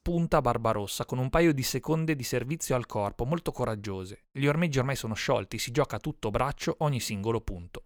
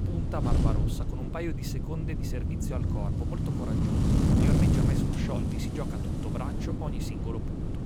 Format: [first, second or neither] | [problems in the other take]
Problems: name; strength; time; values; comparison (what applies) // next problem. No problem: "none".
first | wind noise on the microphone; heavy; 4 dB above the speech